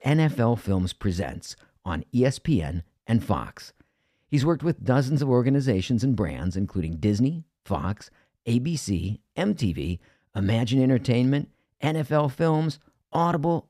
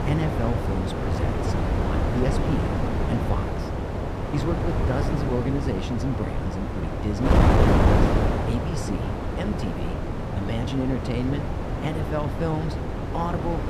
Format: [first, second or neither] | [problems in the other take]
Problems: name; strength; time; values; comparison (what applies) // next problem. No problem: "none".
first | wind noise on the microphone; heavy; 4 dB above the speech